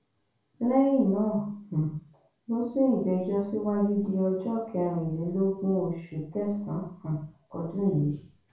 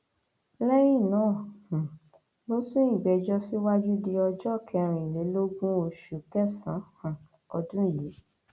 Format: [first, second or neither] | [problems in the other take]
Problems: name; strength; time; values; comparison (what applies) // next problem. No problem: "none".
second | room echo; dies away in 0.4 s